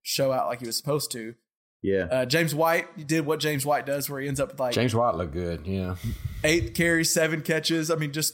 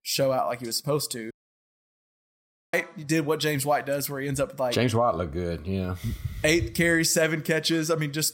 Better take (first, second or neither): first